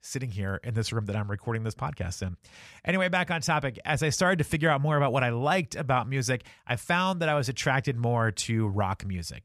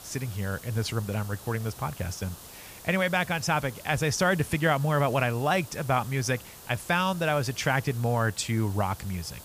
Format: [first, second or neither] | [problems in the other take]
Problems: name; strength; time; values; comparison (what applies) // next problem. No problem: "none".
first | hiss; noticeable; throughout; 15 dB below the speech